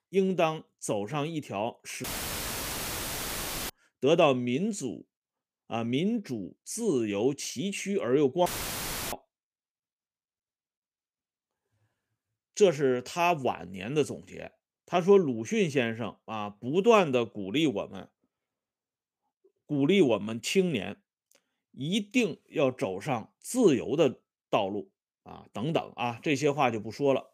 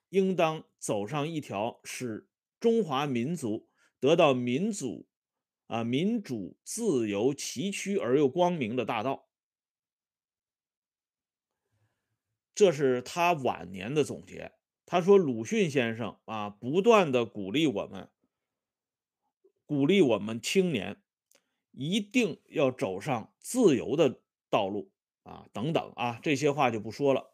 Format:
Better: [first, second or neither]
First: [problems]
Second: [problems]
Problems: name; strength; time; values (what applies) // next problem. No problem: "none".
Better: second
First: audio cutting out; filled with static; at 2 s for 1.5 s and at 8.5 s for 0.5 s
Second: none